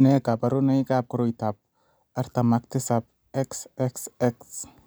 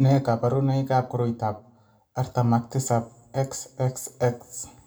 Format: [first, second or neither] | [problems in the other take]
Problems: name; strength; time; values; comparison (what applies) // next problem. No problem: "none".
first | room echo; dies away in 0.3 s